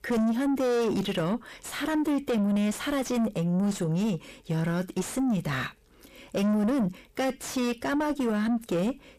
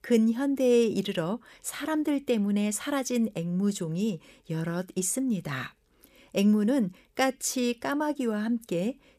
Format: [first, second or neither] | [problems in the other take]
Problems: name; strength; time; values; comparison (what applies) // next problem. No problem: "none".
second | distortion; heavy; 7 dB below the speech